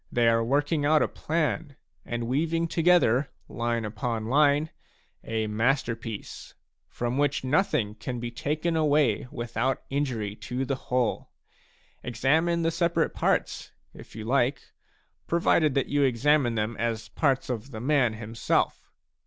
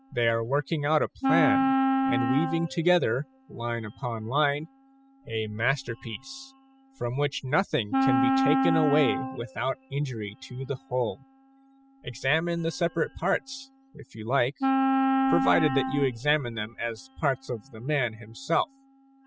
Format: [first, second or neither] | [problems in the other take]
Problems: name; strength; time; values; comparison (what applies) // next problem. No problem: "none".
first | noise reduction (classical method spectral subtraction)